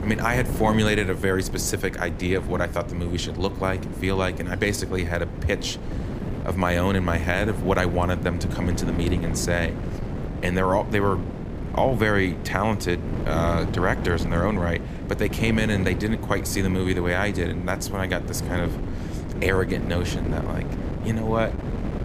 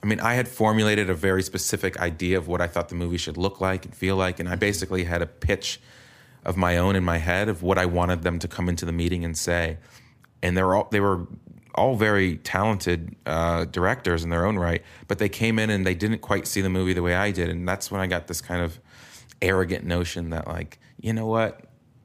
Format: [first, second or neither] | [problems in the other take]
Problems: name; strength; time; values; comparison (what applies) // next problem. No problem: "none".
second | wind noise on the microphone; occasional gusts; 10 dB below the speech